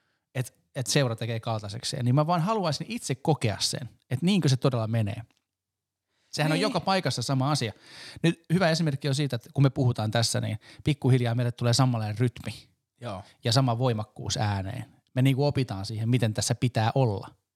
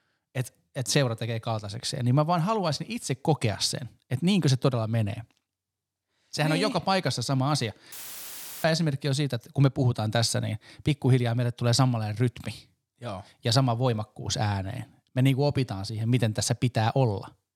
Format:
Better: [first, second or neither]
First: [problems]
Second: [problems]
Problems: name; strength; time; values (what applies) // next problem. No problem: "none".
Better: first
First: none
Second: audio cutting out; filled with static; at 8 s for 0.5 s